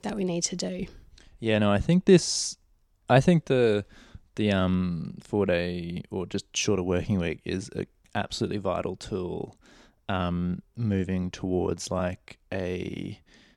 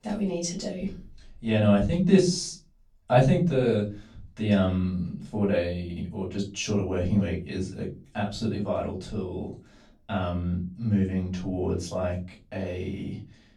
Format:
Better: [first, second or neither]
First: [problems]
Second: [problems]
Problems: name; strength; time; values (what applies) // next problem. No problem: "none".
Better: first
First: none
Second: off-mic speech; far // room echo; slight; dies away in 0.3 s